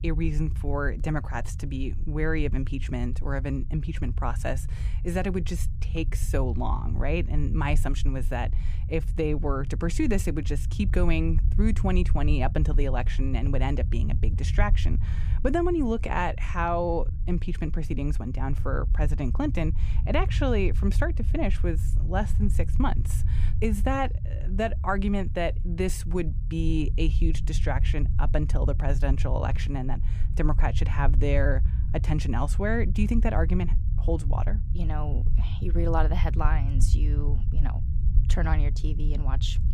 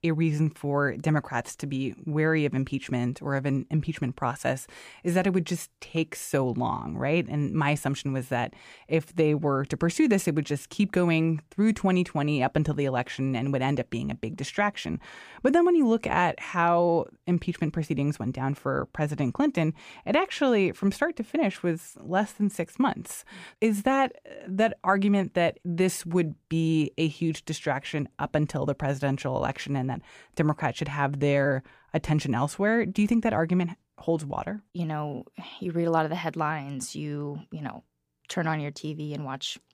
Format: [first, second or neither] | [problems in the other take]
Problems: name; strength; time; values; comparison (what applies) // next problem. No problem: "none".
second | low rumble; noticeable; throughout; 15 dB below the speech